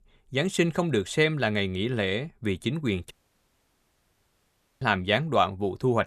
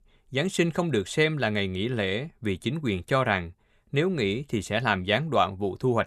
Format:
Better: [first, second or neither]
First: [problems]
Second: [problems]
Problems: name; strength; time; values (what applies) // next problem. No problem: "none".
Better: second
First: audio cutting out; at 3 s for 1.5 s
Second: none